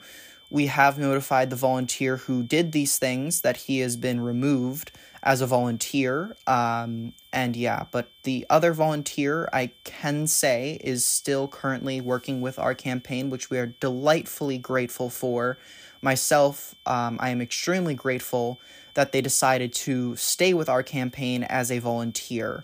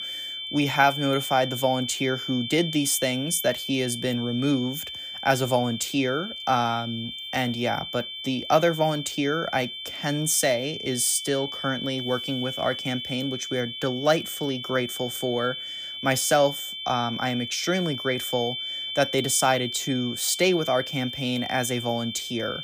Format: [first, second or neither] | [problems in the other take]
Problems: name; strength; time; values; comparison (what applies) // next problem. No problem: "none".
first | high-pitched whine; loud; throughout; 3 kHz, 6 dB below the speech; faint in the first